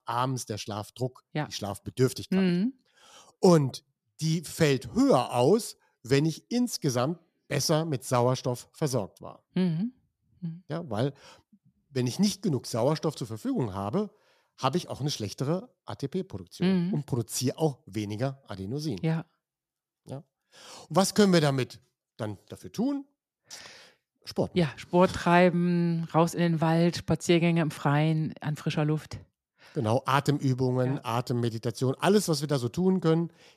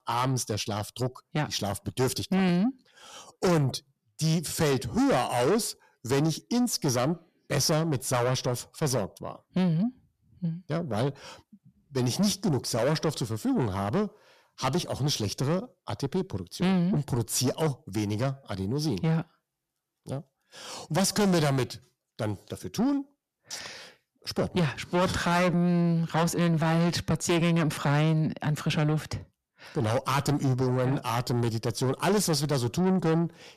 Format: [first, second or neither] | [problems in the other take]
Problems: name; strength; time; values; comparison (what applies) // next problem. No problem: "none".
first | distortion; heavy; 6 dB below the speech